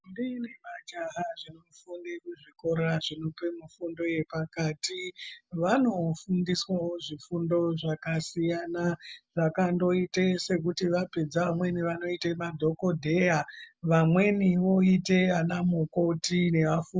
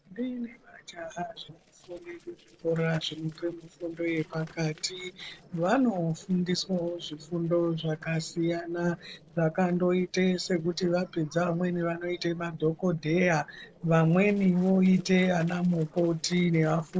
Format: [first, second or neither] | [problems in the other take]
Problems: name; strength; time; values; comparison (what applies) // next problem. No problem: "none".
first | noise reduction (neural separator model SepFormer DNS4)